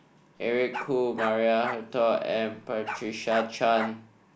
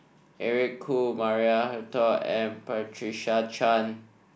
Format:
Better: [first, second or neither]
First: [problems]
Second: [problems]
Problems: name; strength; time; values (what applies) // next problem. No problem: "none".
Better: second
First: background sound (Bark); 11 dB below the speech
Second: none